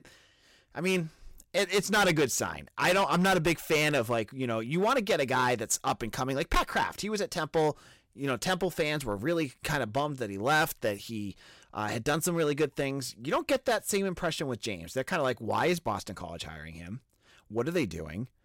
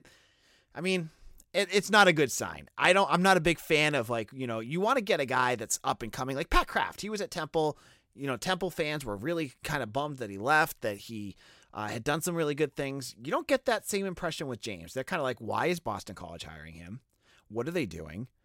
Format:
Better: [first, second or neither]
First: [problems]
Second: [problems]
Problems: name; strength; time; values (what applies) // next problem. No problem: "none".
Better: second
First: distortion; heavy; 5% of the sound clipped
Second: none